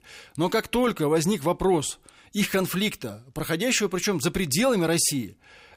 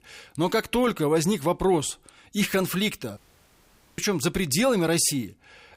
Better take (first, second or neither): first